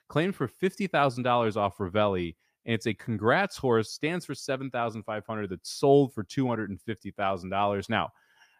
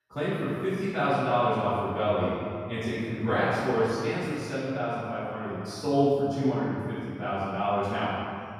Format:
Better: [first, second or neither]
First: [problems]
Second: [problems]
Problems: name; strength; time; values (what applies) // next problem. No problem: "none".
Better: first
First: none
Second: off-mic speech; far // room echo; strong; dies away in 2.3 s